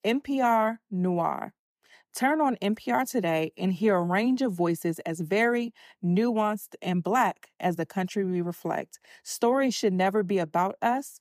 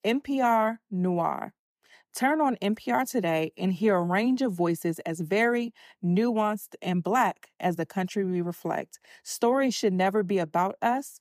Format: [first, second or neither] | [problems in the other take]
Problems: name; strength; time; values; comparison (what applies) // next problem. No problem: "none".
neither | none